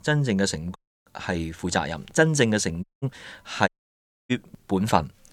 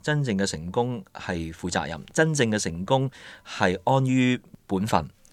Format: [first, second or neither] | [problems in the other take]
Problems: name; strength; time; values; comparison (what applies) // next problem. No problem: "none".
second | audio cutting out; at 1 s, at 3 s and at 3.5 s for 0.5 s